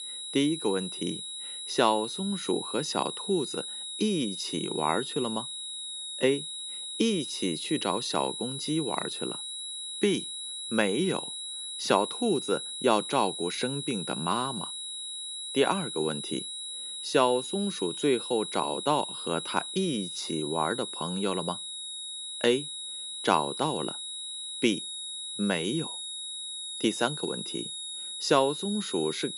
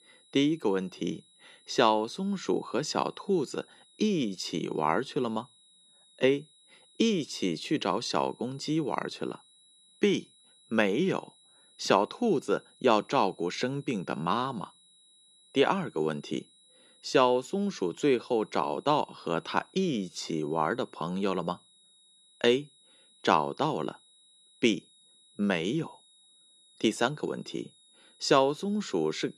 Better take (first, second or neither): second